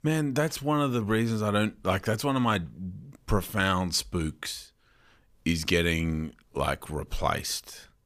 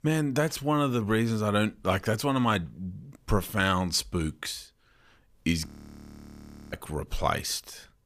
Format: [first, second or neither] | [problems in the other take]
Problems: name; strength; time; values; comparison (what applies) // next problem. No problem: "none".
first | audio freezing; at 5.5 s for 1 s